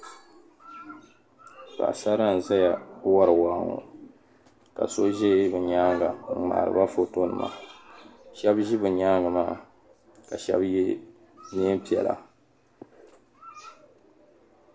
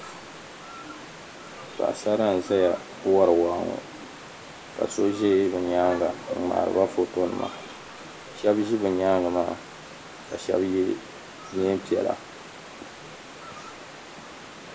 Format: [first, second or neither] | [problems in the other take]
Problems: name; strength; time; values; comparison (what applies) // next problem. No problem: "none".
first | background sound (Stream / Liquid); 16 dB below the speech